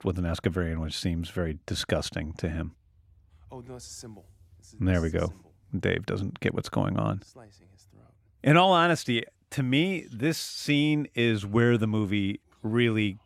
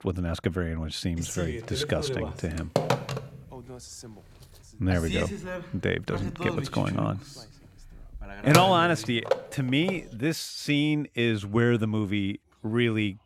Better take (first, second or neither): first